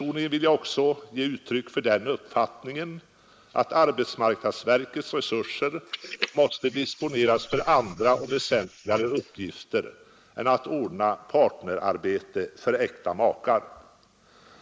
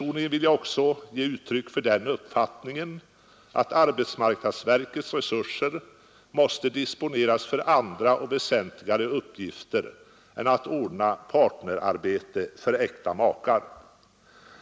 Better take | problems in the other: second | noise reduction (neural mask model Resemble Enhance denoiser)

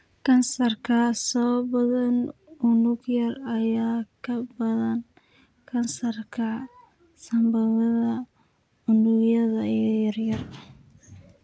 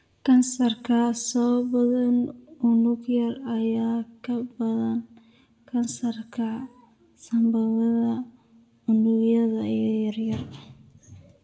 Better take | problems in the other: first | room echo; dies away in 0.7 s

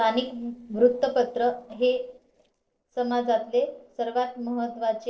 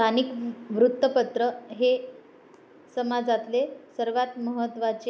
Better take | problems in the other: second | noise reduction (neural separator model SepFormer DNS4)

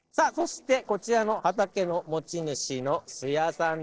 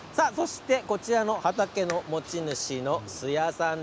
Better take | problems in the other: second | noise reduction (neural separator model SepFormer DNS4)

